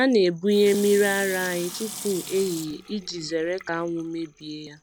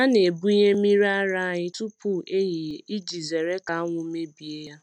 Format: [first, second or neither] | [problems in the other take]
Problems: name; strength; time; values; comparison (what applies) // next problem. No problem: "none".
second | background sound (Sink (filling or washing) / Water tap, faucet); 15 dB below the speech